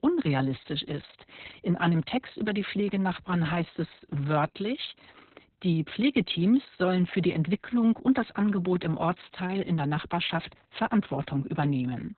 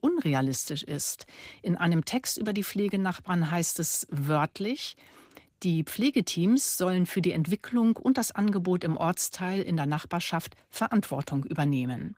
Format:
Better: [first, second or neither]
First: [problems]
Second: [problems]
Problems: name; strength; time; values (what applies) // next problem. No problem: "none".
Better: second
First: garbled, watery; badly; nothing above 4 kHz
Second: garbled, watery; slightly; nothing above 15.5 kHz